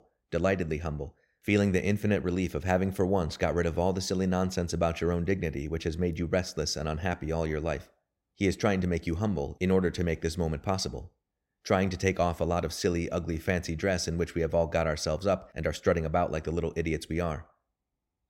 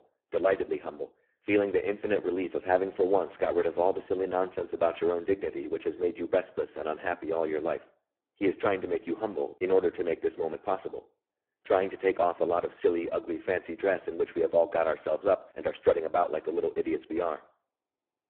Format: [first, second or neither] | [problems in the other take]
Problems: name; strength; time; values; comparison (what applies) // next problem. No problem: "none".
first | phone-call audio; poor line; nothing above 3.5 kHz